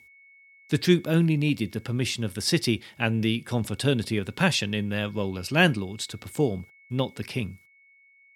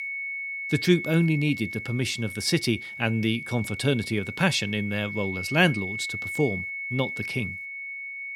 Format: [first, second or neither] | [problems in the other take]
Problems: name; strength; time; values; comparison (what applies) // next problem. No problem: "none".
first | high-pitched whine; loud; throughout; 2 kHz, 6 dB below the speech; faint in the first